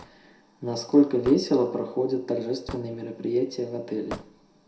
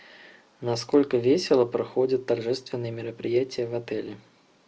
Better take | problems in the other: second | background sound (Hammer / Wood); 19 dB below the speech // room echo; dies away in 0.5 s

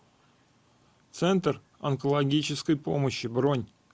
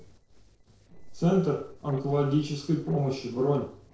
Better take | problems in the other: first | noise reduction (neural separator model SepFormer DNS4)

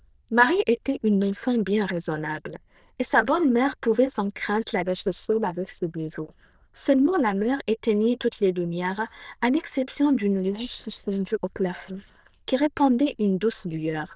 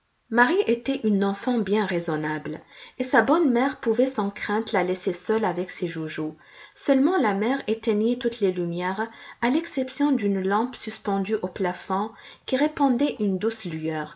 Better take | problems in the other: second | noise reduction (neural diffusion model UNIVERSE++)

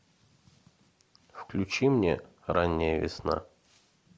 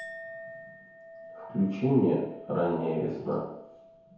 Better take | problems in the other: first | background sound (Chink, clink); 17 dB below the speech // room echo; dies away in 0.9 s

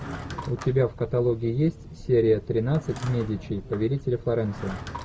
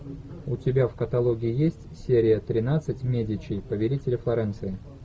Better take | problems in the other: second | background sound (Drawer open or close / Wood); 16 dB below the speech

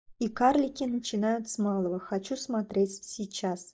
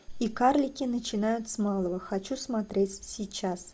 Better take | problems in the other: second | noise reduction (neural mask model DeepFilterNet 3)

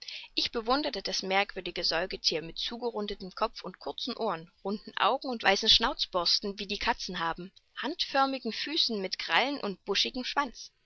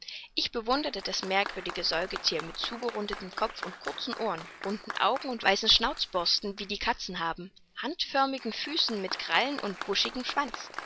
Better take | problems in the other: first | background sound (Applause); 12 dB below the speech

